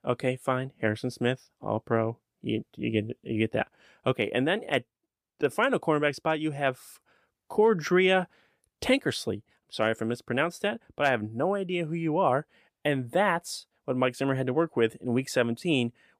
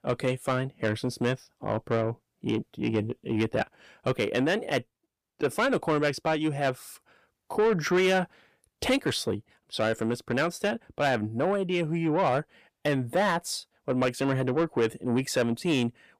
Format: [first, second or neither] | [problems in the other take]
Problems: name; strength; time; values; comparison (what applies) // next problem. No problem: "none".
first | distortion; slight; 10 dB below the speech